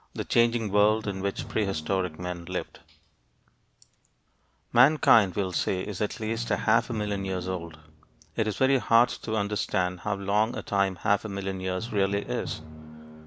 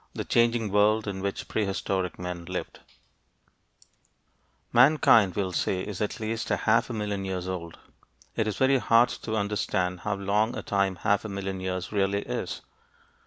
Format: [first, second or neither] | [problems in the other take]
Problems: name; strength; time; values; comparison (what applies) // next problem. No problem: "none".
second | background sound (Drum); 17 dB below the speech